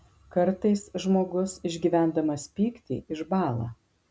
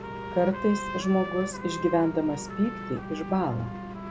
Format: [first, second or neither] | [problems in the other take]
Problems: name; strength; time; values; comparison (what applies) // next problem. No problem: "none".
first | background sound (Trumpet + Engine); 8 dB below the speech